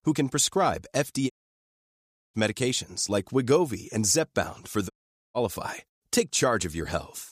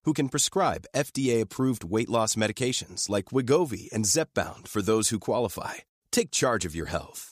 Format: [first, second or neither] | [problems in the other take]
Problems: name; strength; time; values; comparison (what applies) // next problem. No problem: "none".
second | audio cutting out; at 1.5 s for 1 s and at 5 s